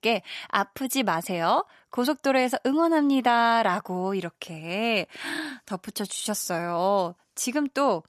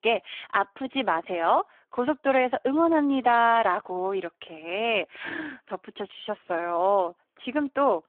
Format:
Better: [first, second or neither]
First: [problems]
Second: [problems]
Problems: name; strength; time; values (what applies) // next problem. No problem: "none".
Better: first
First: none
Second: phone-call audio; poor line; nothing above 3.5 kHz